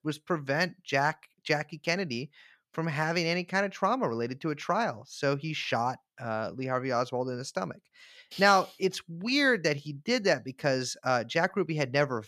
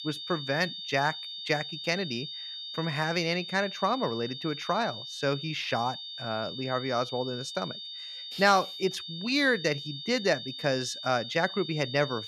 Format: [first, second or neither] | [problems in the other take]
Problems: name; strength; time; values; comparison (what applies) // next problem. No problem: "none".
first | high-pitched whine; loud; throughout; 3.5 kHz, 8 dB below the speech